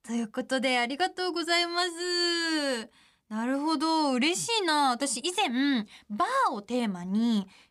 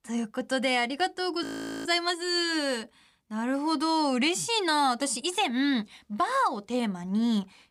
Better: first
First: none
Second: audio freezing; at 1.5 s

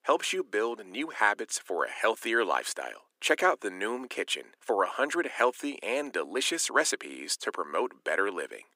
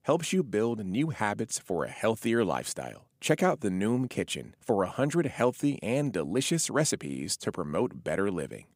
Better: second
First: thin; very; fading below 300 Hz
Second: none

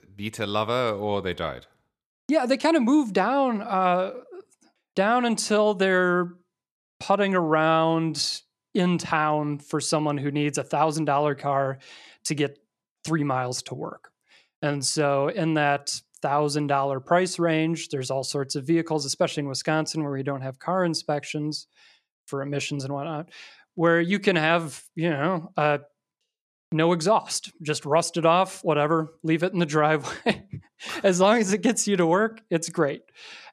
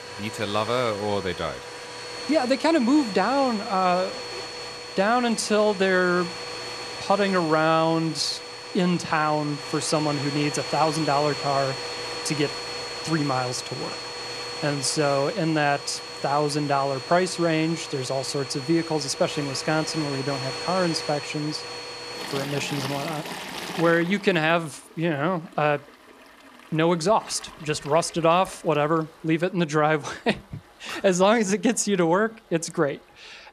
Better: first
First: none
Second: household noises; loud; throughout; 9 dB below the speech

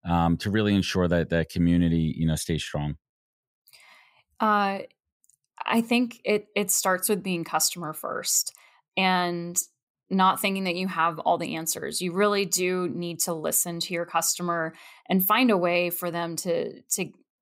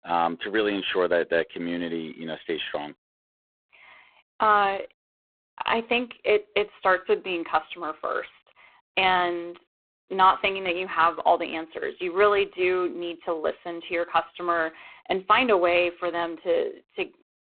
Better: first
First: none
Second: phone-call audio; poor line

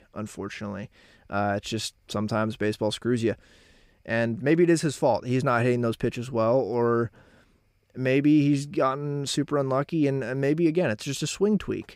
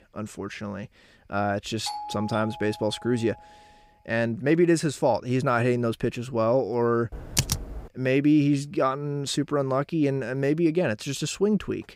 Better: first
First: none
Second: doorbell; noticeable; from 2 to 3.5 s; peak 9 dB below the speech // keyboard typing; noticeable; at 7 s; peak level with the speech

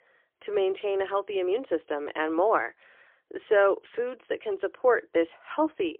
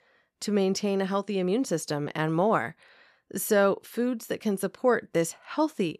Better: second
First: phone-call audio; poor line; nothing above 3 kHz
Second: none

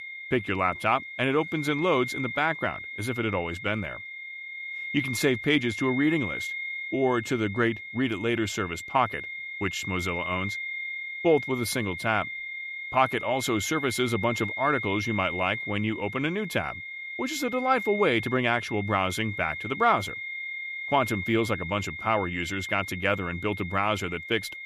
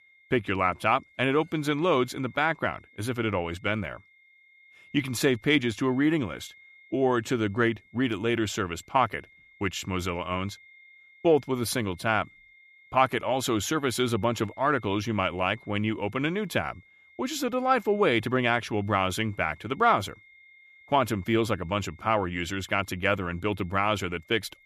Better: second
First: high-pitched whine; loud; throughout; 2 kHz, 7 dB below the speech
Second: high-pitched whine; faint; throughout; 2 kHz, 25 dB below the speech

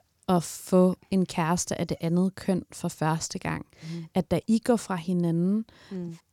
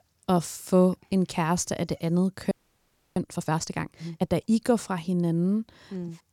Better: first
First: none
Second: audio freezing; at 2.5 s for 0.5 s

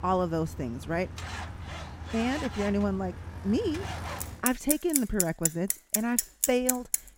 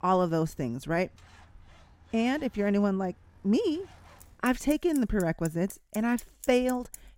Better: second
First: traffic noise; loud; throughout; 1 dB below the speech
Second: traffic noise; faint; throughout; 20 dB below the speech

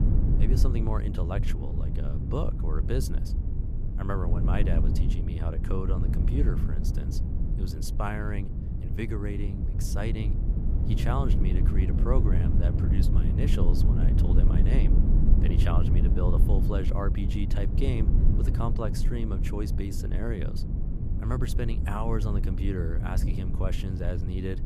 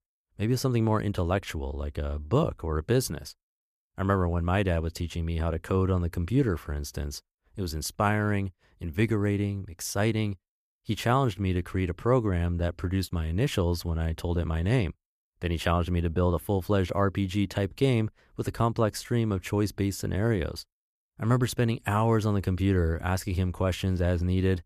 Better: second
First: low rumble; loud; throughout; 3 dB below the speech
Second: none

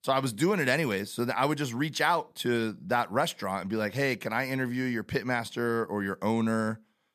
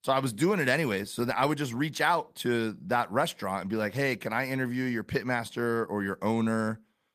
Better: first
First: none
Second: garbled, watery; slightly; nothing above 14.5 kHz

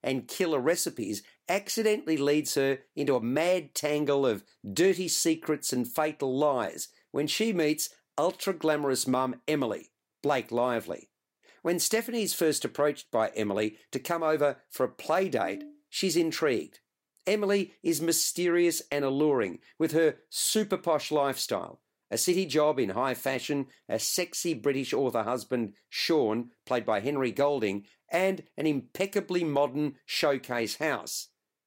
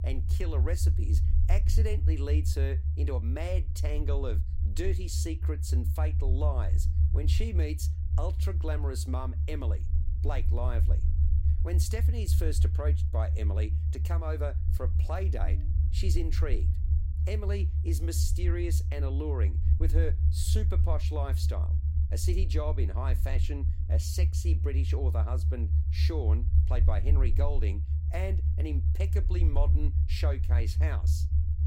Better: first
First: none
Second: low rumble; loud; throughout; 6 dB below the speech

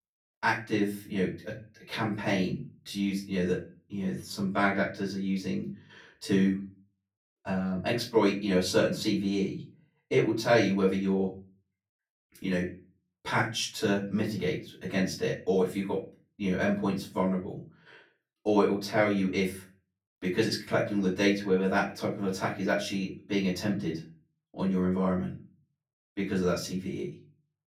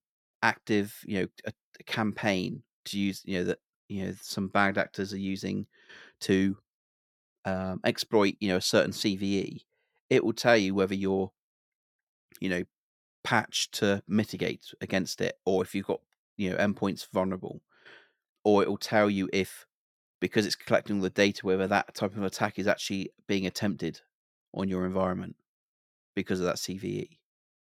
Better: second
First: off-mic speech; far // room echo; slight; dies away in 0.3 s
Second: none

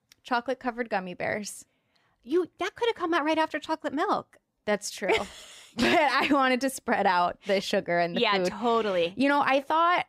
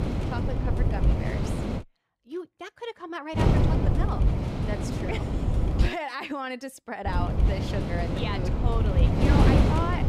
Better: first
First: none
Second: wind noise on the microphone; heavy; until 2 s, from 3.5 to 6 s and from 7 s on; 1 dB above the speech

